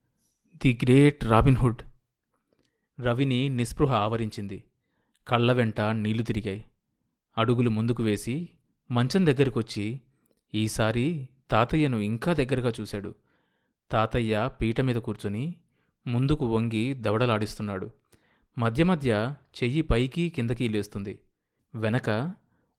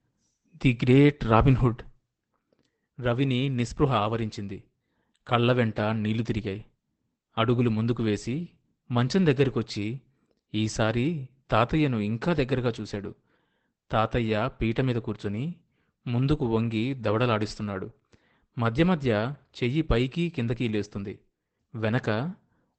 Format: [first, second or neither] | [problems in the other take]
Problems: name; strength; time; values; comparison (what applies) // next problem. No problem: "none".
first | garbled, watery; badly; nothing above 8 kHz; slightly in the first